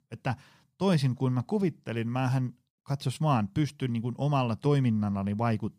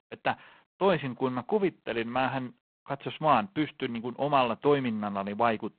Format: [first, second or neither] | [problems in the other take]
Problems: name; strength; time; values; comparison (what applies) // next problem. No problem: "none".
first | phone-call audio; poor line; nothing above 4 kHz